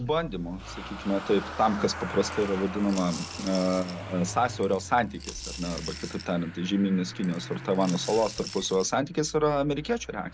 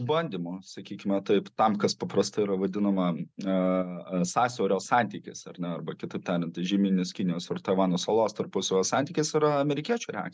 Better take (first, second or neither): second